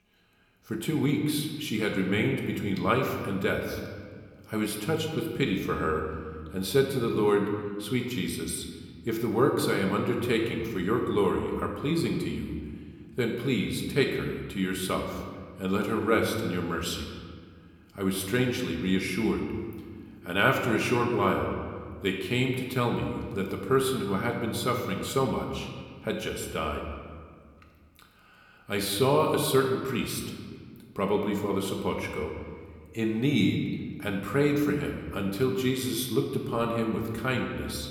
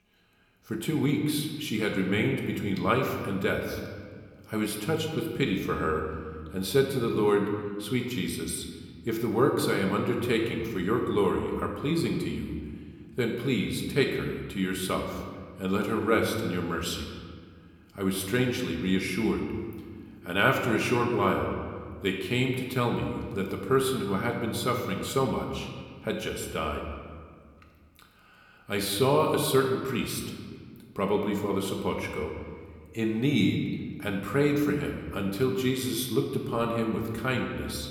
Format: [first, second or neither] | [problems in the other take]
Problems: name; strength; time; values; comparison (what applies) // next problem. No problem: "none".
neither | room echo; slight; dies away in 1.6 s; the same in both